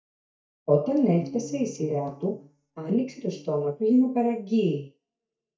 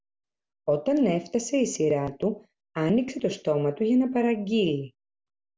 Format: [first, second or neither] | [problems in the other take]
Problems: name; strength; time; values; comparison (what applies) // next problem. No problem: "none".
second | noise reduction (neural mask model DeepFilterNet 3)